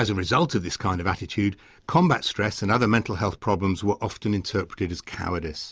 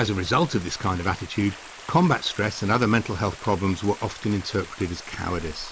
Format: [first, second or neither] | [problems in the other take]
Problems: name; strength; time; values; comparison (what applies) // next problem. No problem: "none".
first | background sound (Stream); 16 dB below the speech